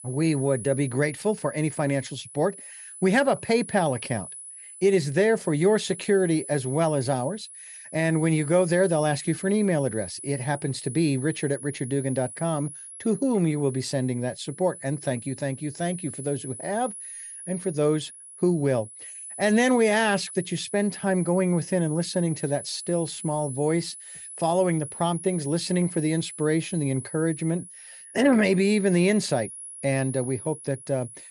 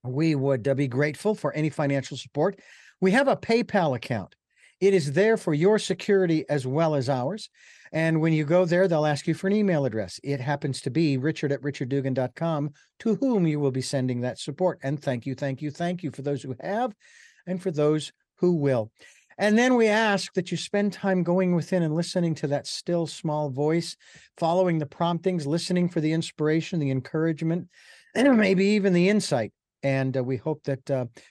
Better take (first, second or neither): second